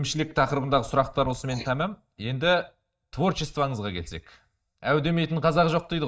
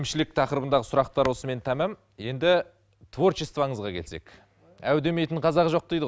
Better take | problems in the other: second | noise reduction (neural mask model DeepFilterNet 3)

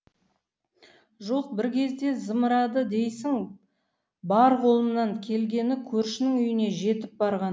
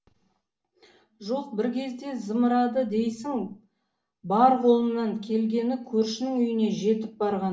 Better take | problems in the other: first | room echo; dies away in 0.3 s

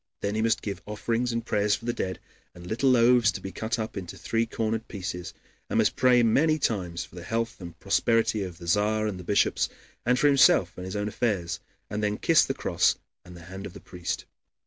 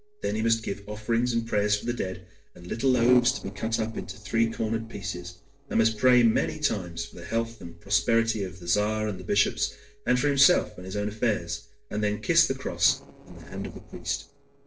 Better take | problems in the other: first | noise reduction (neural separator model SepFormer DNS4)

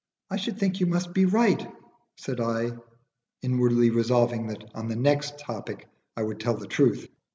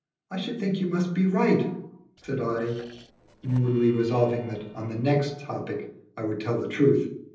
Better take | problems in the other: first | noise reduction (neural separator model SepFormer DNS4)

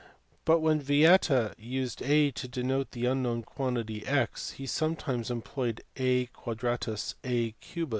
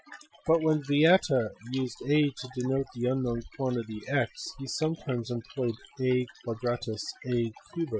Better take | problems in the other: first | noise reduction (classical method Wiener filter)

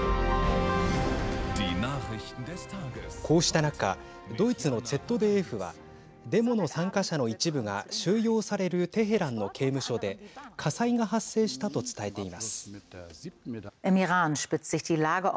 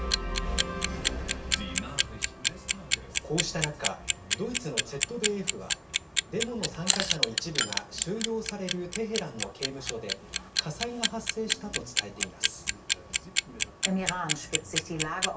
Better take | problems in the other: first | background sound (Clock); 3 dB above the speech // room echo; dies away in 0.3 s

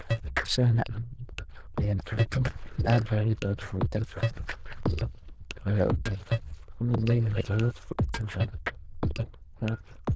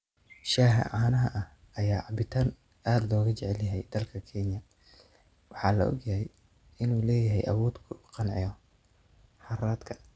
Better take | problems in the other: second | noise reduction (neural diffusion model UNIVERSE++)

